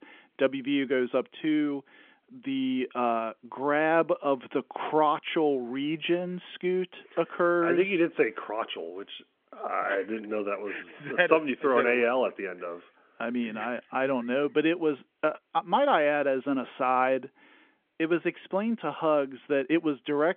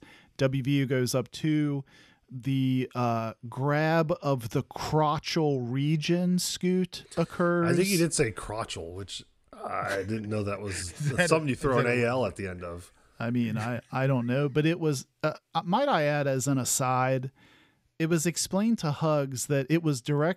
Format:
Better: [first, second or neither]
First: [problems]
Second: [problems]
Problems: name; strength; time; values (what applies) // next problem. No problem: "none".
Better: second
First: phone-call audio; nothing above 3.5 kHz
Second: none